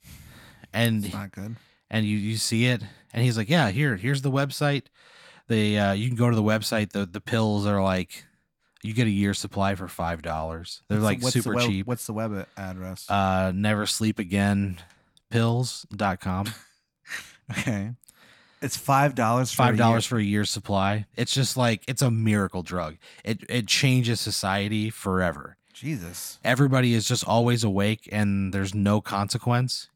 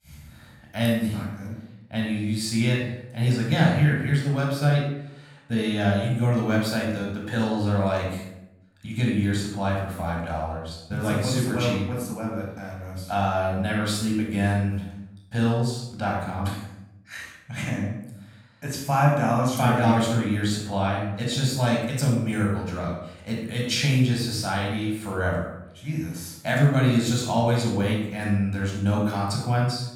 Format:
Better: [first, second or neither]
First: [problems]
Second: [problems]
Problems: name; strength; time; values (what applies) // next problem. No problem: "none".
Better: first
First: none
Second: off-mic speech; far // room echo; noticeable; dies away in 0.7 s